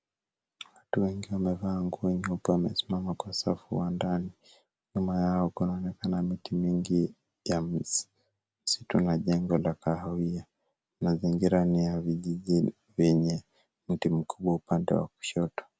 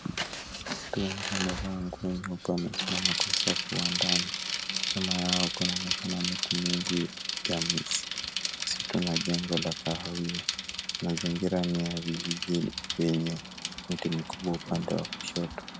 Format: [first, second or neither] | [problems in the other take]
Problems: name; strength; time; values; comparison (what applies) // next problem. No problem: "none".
first | background sound (Bicycle); 1 dB below the speech